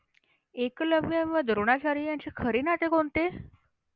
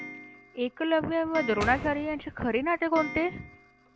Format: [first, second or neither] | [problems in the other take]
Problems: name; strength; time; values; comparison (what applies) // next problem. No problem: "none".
first | background sound (Clock + Door); 11 dB below the speech